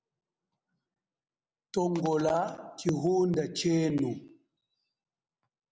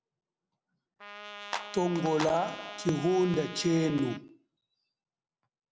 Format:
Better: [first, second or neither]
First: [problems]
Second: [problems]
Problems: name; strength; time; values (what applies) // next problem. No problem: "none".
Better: first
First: none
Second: background sound (Clapping + Trumpet); 10 dB below the speech